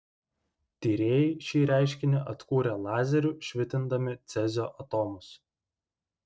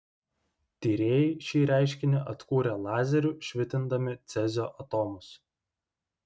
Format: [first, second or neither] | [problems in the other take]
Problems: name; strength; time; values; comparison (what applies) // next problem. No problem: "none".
second | noise reduction (neural separator model SepFormer DNS4)